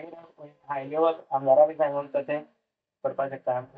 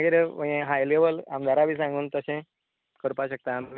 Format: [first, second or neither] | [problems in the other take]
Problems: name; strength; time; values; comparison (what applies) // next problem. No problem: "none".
second | noise reduction (neural mask model DeepFilterNet 3)